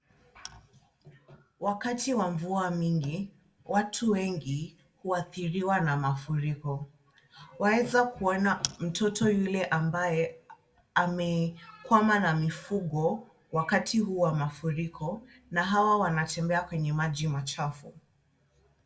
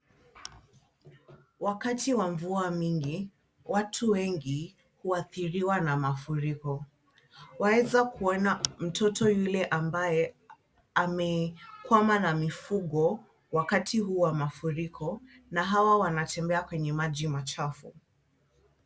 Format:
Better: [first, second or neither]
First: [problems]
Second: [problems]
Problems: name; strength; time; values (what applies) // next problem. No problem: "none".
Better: second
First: room echo; dies away in 0.3 s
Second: none